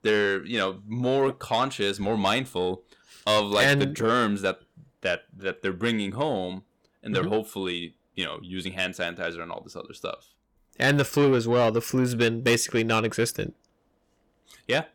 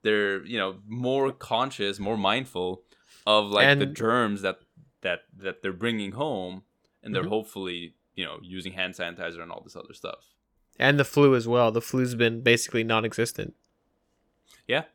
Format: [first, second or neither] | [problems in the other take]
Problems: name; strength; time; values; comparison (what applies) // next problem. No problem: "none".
second | distortion; slight; 10 dB below the speech